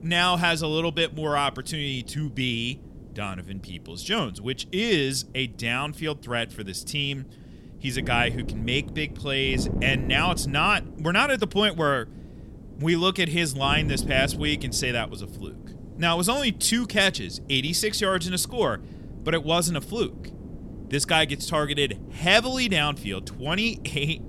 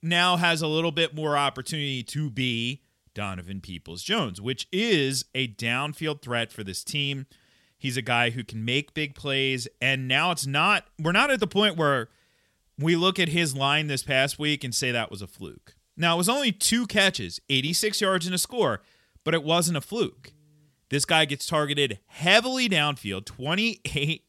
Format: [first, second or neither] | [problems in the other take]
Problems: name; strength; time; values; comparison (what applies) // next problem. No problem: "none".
second | wind noise on the microphone; occasional gusts; 20 dB below the speech